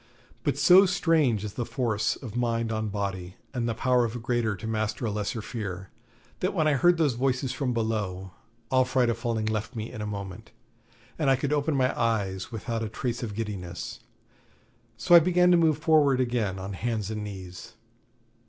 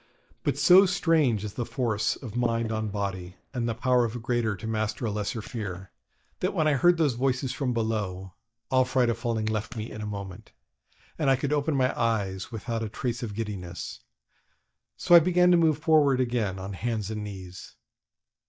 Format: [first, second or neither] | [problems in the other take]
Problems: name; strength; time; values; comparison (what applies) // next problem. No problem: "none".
first | noise reduction (neural mask model DeepFilterNet 3)